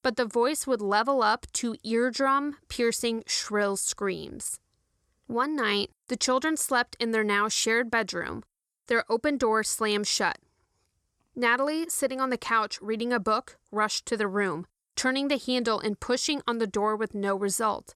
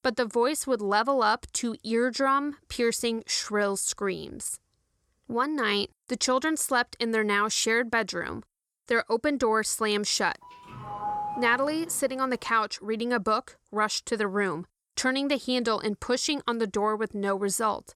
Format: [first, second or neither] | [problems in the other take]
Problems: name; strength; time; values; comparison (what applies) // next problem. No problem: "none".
first | doorbell; noticeable; from 10 to 12 s; peak 5 dB below the speech